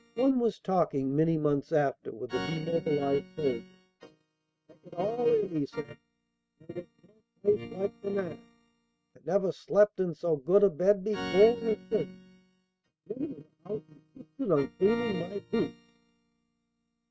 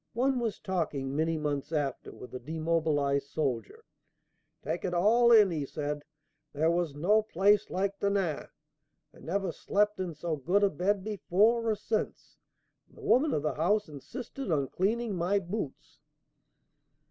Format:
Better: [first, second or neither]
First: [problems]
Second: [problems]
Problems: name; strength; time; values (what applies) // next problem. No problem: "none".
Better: second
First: noise reduction (neural mask model RNNoise)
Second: none